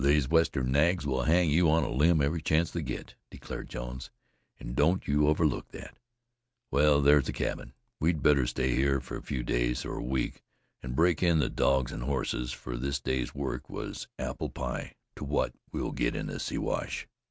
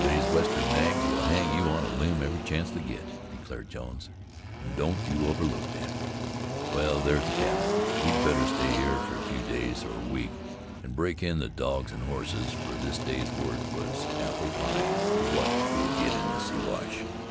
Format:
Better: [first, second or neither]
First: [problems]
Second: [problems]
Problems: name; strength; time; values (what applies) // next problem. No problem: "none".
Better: first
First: none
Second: background sound (Engine); 1 dB above the speech